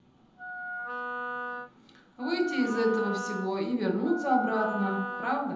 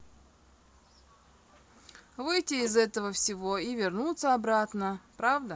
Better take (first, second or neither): second